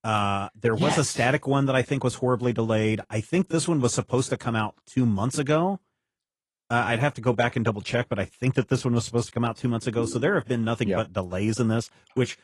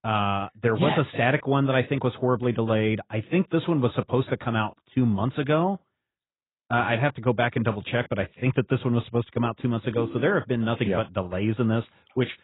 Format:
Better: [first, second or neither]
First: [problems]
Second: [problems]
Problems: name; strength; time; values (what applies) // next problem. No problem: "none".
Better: first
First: garbled, watery; slightly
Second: garbled, watery; badly; nothing above 4 kHz